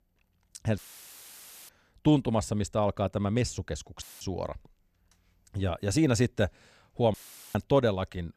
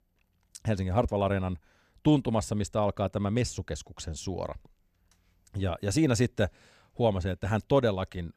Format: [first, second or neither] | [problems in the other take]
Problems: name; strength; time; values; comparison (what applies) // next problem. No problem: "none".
second | audio cutting out; filled with static; at 1 s for 1 s, at 4 s and at 7 s